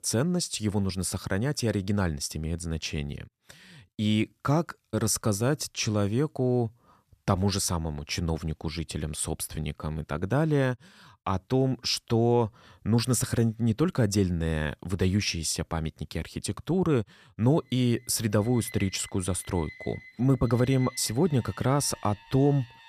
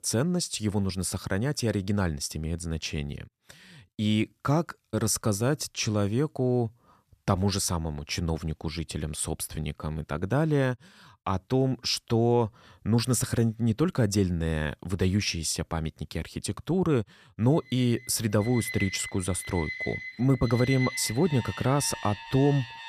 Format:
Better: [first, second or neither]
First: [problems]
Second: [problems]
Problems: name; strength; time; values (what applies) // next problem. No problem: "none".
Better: first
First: alarms or sirens; faint; from 18 s on; 20 dB below the speech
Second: alarms or sirens; loud; from 18 s on; 10 dB below the speech